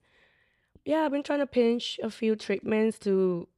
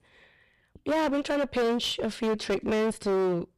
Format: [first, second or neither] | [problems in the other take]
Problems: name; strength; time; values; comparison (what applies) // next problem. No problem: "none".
first | distortion; heavy; 21% of the sound clipped